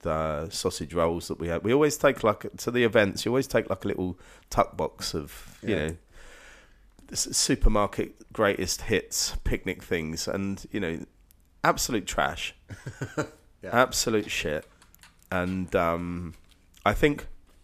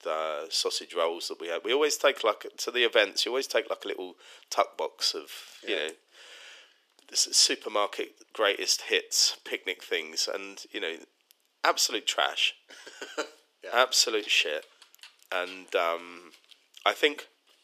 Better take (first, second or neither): first